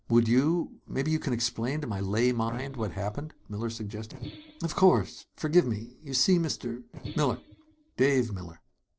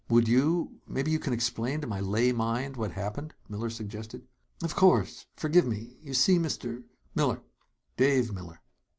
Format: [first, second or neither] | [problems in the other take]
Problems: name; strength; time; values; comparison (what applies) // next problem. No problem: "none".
second | noise reduction (neural separator model SepFormer DNS4)